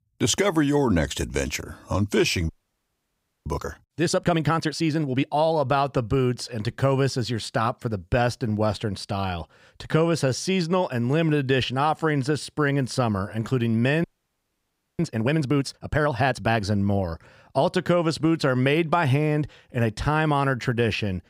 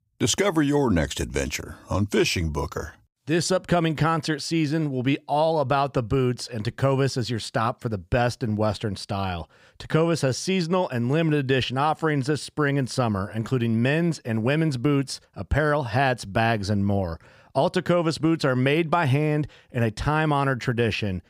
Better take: second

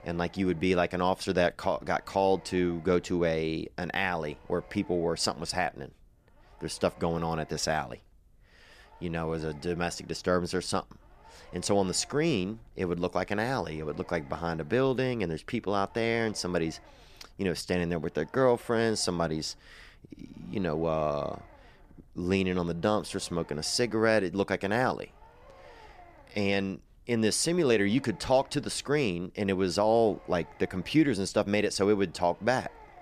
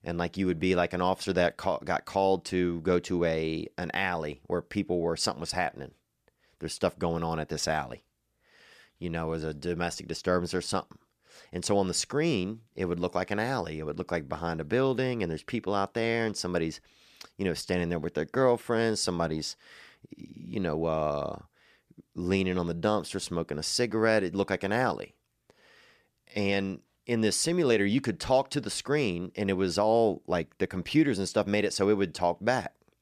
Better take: second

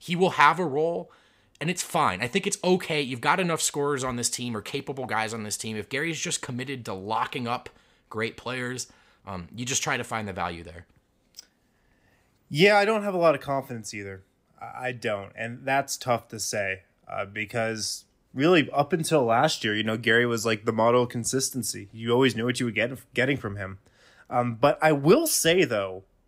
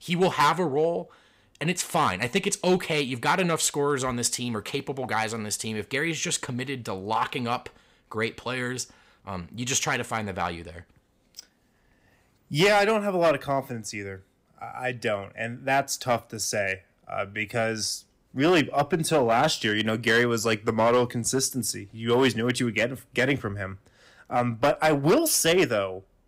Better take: first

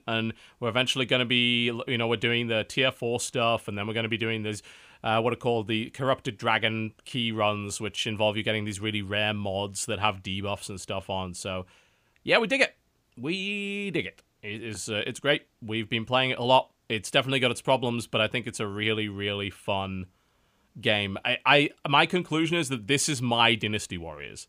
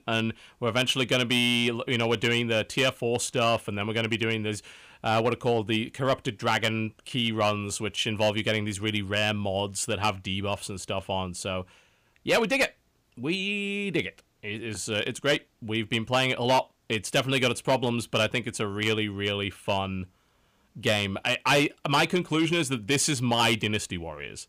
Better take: first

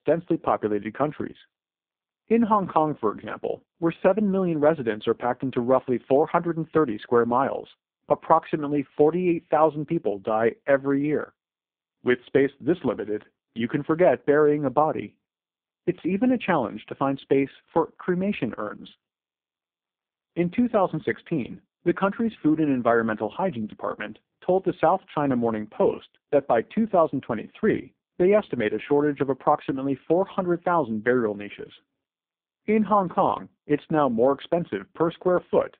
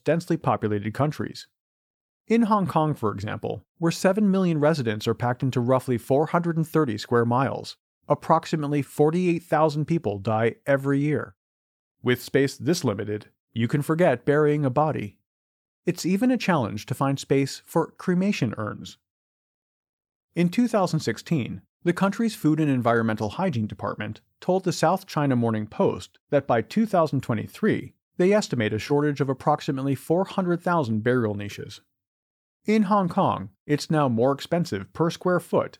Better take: second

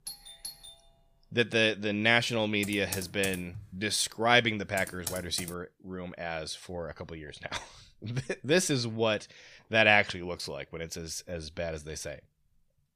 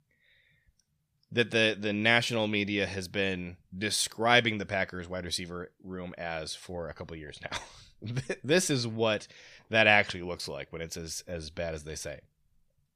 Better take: second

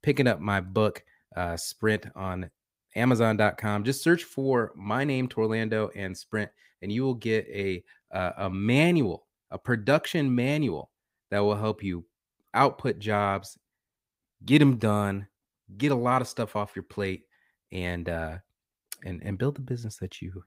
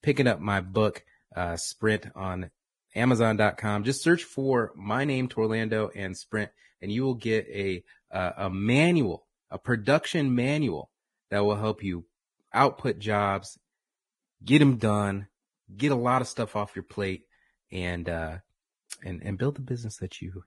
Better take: first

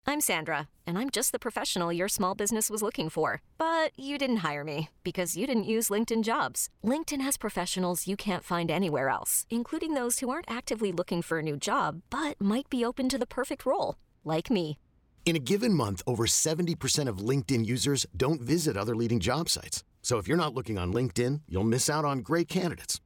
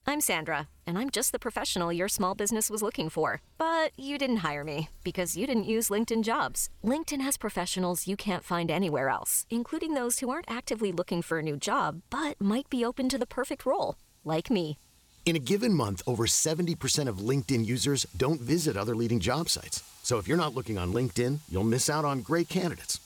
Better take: first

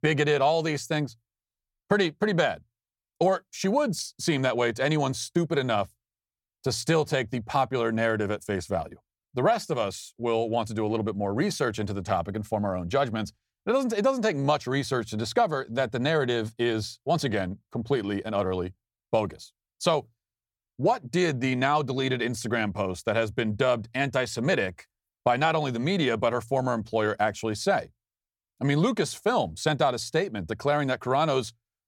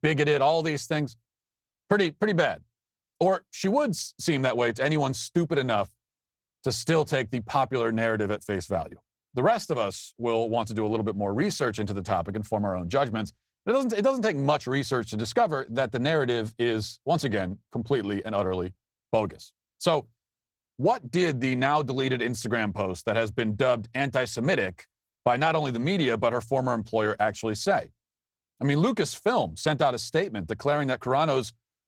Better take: first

